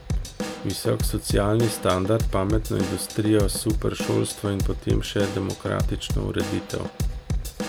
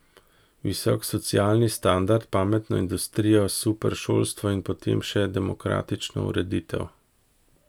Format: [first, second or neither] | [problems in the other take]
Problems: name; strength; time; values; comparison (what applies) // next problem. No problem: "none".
second | background sound (Drum / Drum kit); 3 dB below the speech